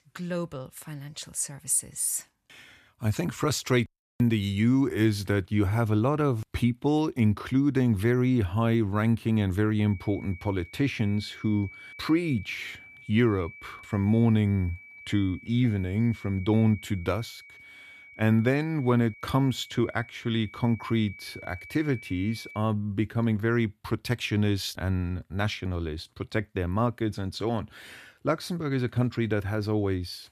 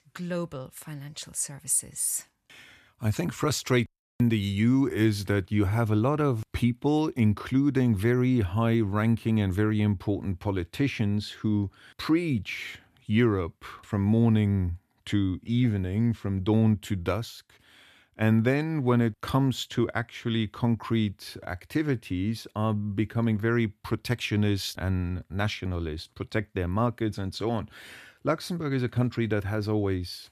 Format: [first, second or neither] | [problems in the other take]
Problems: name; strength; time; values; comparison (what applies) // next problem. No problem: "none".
second | high-pitched whine; noticeable; from 10 to 23 s; 2.5 kHz, 20 dB below the speech